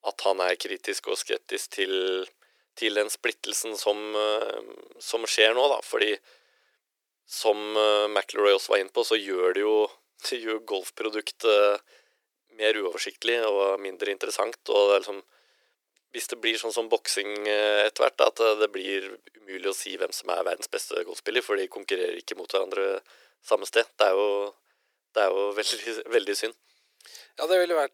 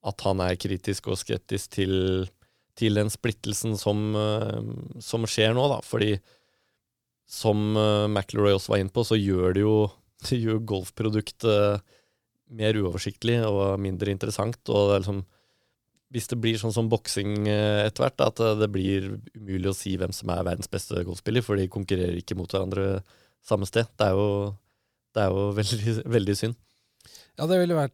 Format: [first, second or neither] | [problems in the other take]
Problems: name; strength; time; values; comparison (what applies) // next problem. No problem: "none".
second | thin; very; fading below 400 Hz